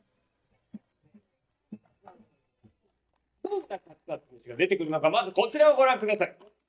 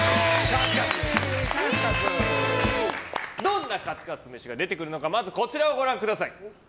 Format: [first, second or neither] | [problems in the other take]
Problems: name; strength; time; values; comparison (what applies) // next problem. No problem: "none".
second | noise reduction (neural mask model DeepFilterNet 3)